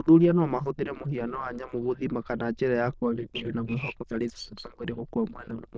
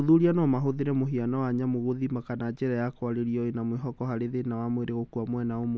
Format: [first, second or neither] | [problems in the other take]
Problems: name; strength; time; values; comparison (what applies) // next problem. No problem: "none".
second | noise reduction (neural diffusion model UNIVERSE++)